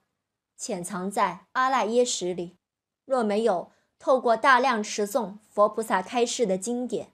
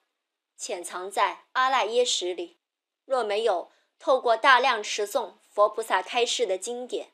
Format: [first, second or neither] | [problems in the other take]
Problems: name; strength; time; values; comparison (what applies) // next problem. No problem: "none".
first | thin; somewhat; fading below 300 Hz